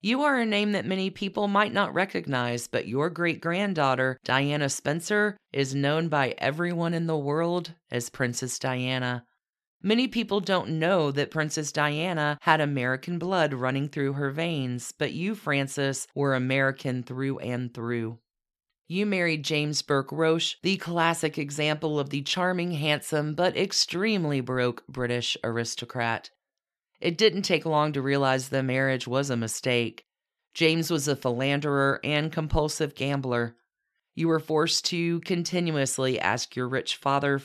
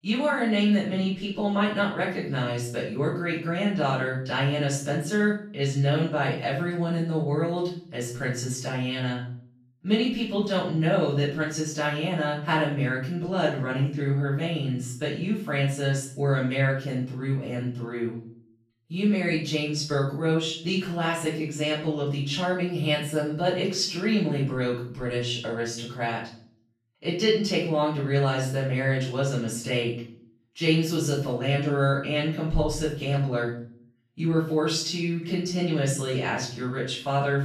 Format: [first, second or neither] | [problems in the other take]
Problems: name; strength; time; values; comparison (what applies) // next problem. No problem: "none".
first | off-mic speech; far // room echo; noticeable; dies away in 0.5 s